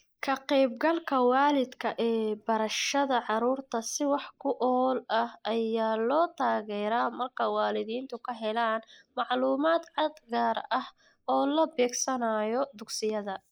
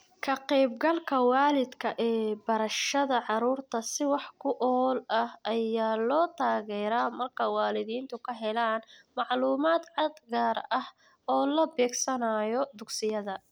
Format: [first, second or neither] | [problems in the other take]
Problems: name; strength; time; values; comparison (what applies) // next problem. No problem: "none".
second | noise reduction (neural mask model Resemble Enhance denoiser)